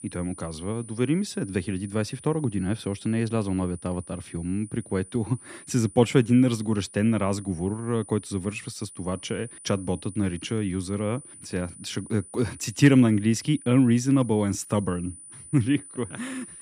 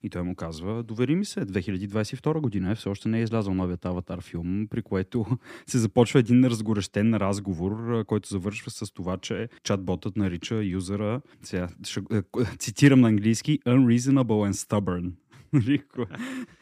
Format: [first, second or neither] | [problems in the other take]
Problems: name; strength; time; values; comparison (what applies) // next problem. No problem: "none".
second | high-pitched whine; noticeable; throughout; 9.5 kHz, 15 dB below the speech